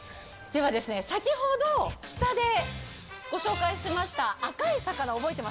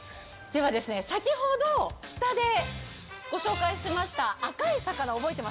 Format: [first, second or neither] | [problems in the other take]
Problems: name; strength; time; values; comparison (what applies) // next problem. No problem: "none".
second | background sound (Dog); 18 dB below the speech